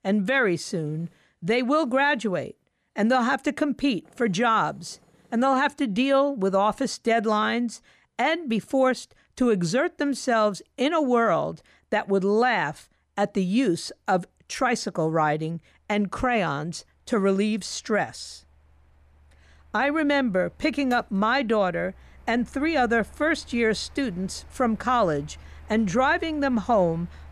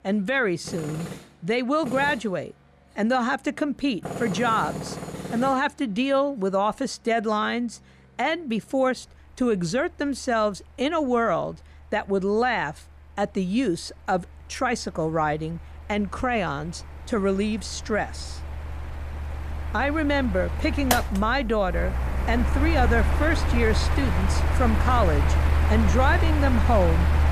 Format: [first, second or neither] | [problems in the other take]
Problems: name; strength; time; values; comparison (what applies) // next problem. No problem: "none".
first | machinery noise; loud; throughout; 1 dB below the speech; faint in the first